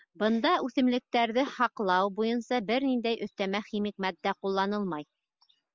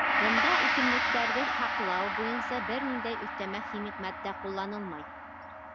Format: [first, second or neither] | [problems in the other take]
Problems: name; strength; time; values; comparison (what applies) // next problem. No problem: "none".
first | background sound (Gong); 4 dB above the speech